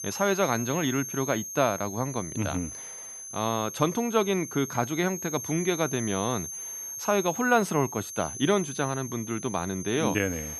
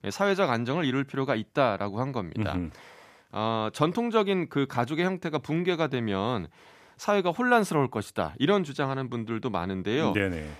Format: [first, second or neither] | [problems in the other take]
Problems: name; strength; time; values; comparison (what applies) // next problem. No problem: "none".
second | high-pitched whine; loud; throughout; 6.5 kHz, 8 dB below the speech